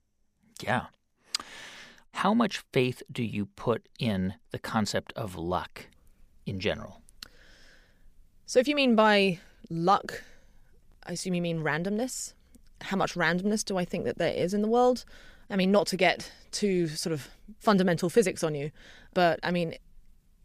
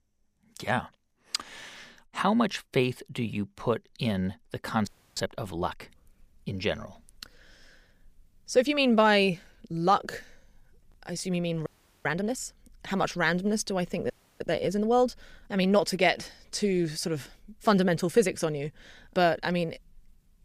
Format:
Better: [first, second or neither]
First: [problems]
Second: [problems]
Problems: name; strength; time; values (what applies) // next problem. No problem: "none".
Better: first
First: none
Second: audio freezing; at 5 s, at 12 s and at 14 s